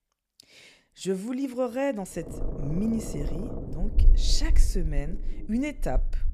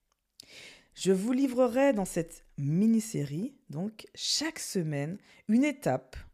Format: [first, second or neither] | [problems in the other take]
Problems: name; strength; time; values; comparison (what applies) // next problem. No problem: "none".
second | low rumble; noticeable; from 2 s on; 10 dB below the speech